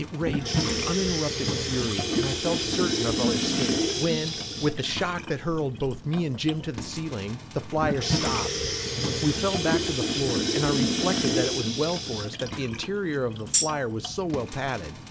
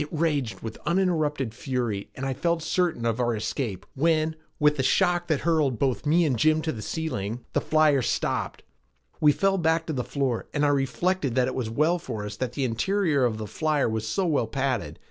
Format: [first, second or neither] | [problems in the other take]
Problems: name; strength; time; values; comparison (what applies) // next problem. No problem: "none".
second | background sound (Sink (filling or washing) / Water tap, faucet + Tambourine); as loud as the speech